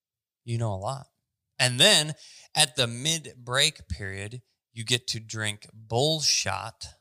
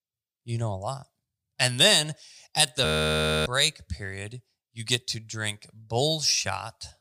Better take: first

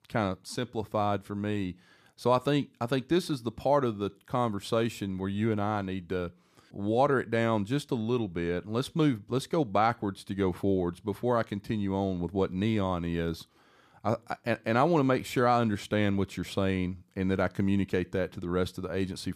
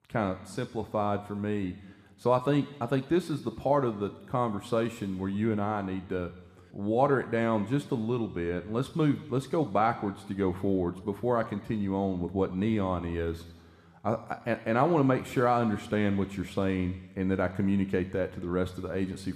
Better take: first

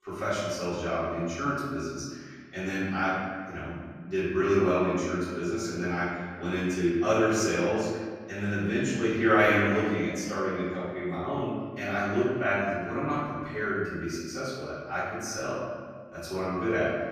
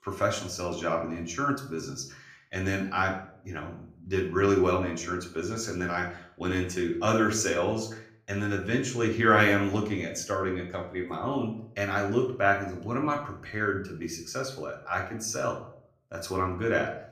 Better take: second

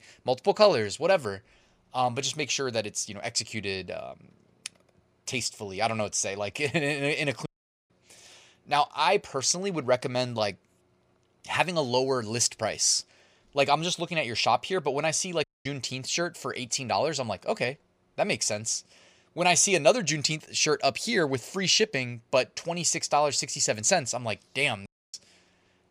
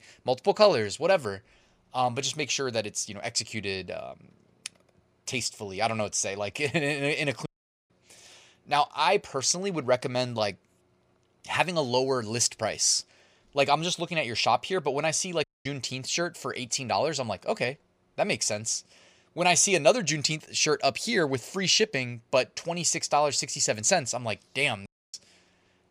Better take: neither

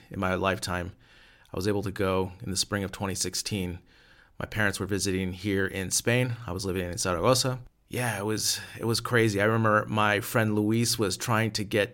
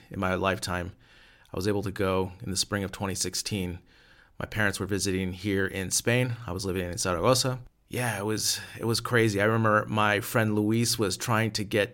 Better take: neither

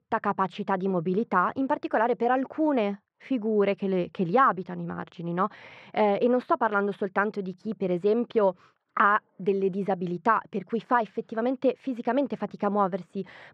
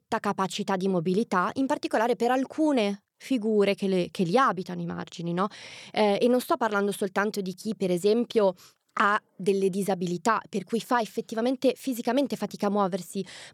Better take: second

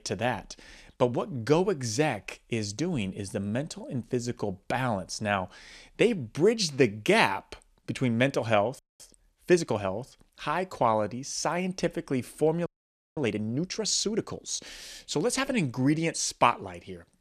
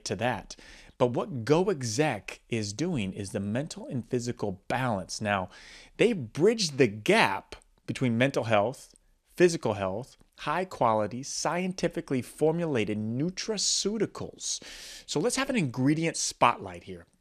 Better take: second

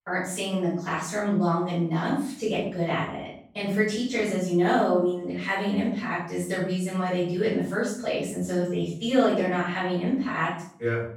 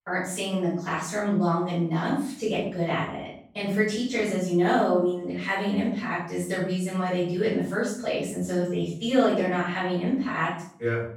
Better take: neither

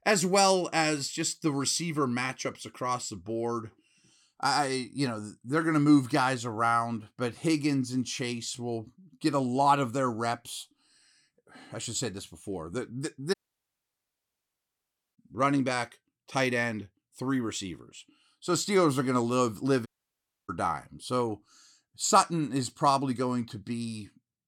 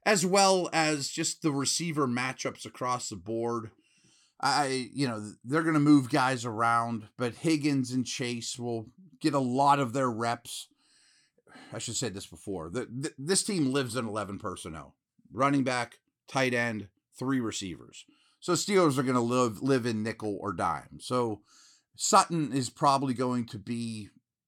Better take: second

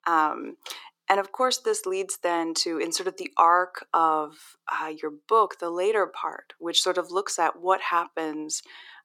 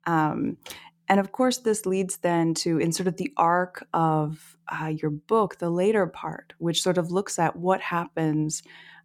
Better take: second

